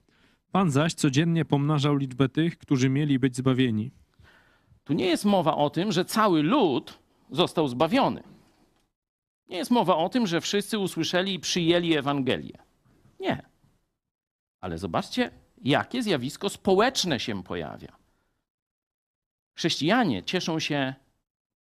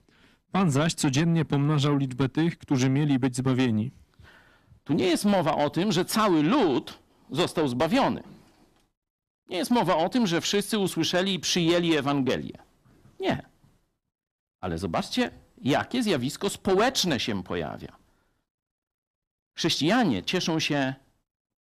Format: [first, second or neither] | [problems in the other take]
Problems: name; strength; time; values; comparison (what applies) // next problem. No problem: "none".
first | distortion; slight; 10 dB below the speech